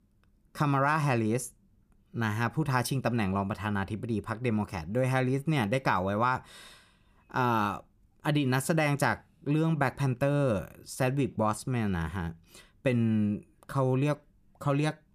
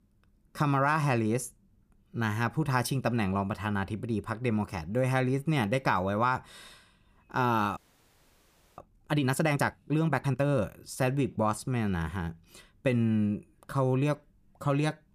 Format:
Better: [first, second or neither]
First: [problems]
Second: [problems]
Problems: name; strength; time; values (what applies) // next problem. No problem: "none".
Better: first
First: none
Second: audio freezing; at 8 s for 1 s